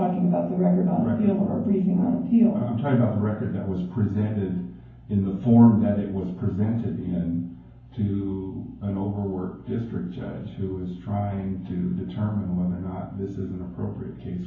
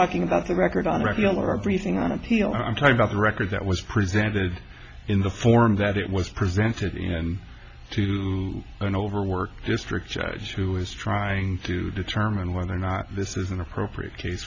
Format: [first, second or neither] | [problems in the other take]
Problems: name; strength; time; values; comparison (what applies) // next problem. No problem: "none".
second | room echo; dies away in 0.9 s